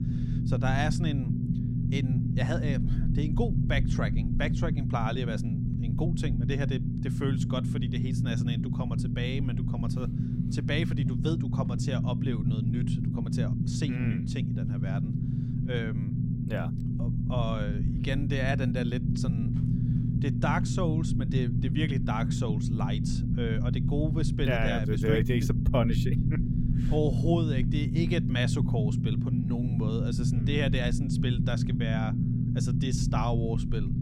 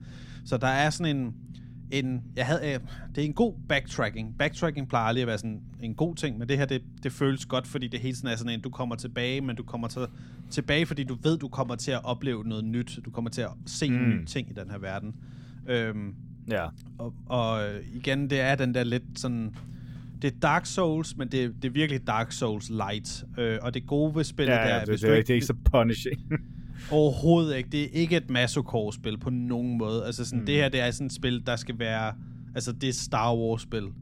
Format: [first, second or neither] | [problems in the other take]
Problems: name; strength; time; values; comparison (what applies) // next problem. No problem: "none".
second | low rumble; loud; throughout; 3 dB below the speech; faint in the second